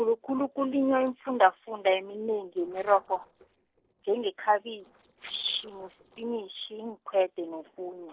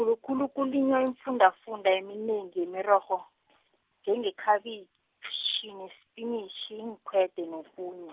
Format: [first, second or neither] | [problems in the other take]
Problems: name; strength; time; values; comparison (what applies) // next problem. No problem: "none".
second | noise reduction (neural separator model SepFormer DNS4)